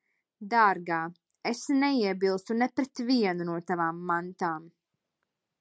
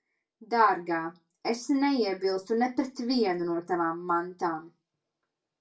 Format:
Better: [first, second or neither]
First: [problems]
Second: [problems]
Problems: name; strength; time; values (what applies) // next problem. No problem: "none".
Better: first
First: none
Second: room echo; dies away in 0.2 s